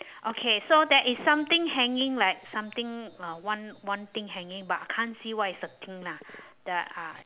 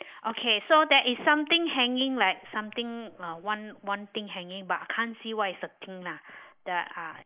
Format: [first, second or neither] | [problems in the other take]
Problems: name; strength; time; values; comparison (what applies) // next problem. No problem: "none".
first | noise reduction (neural mask model Resemble Enhance denoiser)